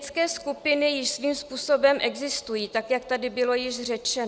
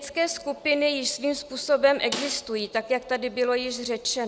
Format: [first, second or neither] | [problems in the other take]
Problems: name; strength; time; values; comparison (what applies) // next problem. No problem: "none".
first | background sound (Snare drum); 11 dB below the speech